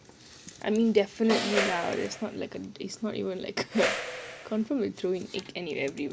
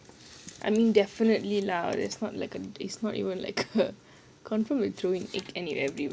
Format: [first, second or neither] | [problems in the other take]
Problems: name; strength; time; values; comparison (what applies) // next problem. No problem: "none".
second | background sound (Snare drum + Whoosh, swoosh, swish); 3 dB below the speech